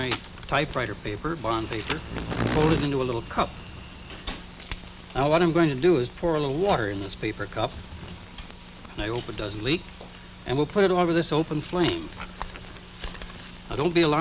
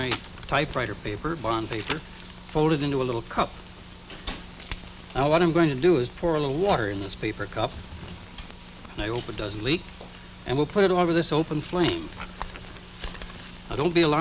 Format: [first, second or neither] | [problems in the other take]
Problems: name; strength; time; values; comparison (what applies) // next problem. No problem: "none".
second | background sound (Insect); 6 dB below the speech